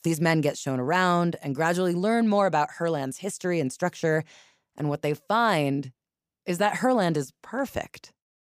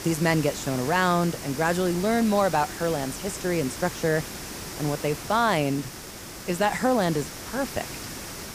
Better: first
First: none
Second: hiss; loud; throughout; 10 dB below the speech

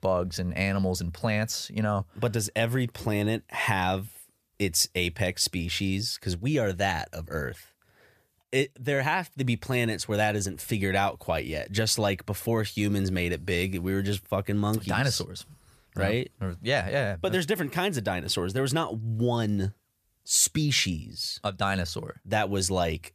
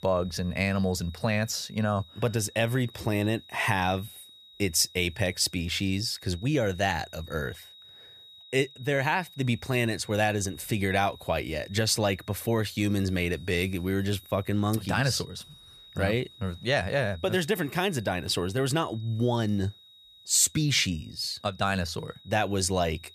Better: first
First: none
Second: high-pitched whine; faint; throughout; 4 kHz, 20 dB below the speech

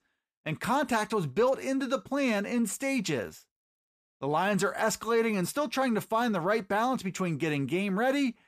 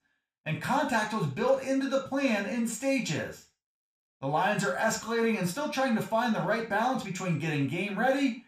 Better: first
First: none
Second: room echo; slight; dies away in 0.3 s // off-mic speech; somewhat distant

